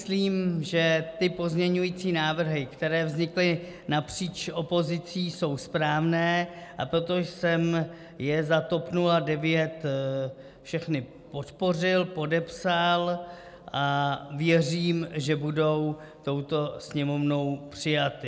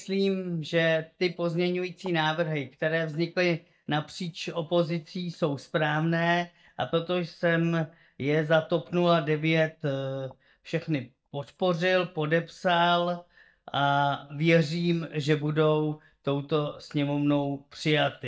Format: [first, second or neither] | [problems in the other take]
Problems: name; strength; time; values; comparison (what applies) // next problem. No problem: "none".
first | noise reduction (neural mask model DeepFilterNet 3)